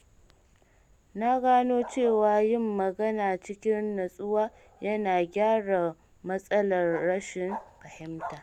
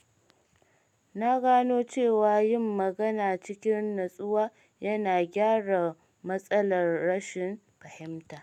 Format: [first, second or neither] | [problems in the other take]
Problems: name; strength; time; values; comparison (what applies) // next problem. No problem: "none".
second | background sound (Bark); 20 dB below the speech